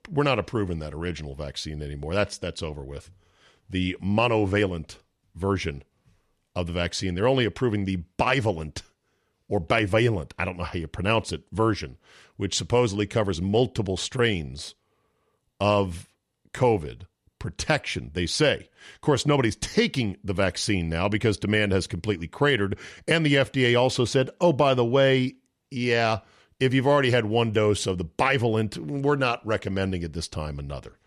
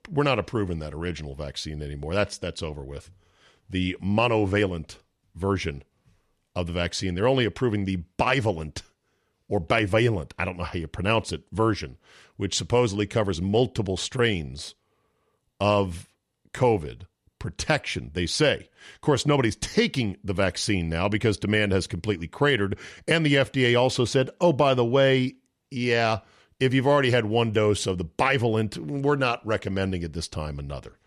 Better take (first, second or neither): neither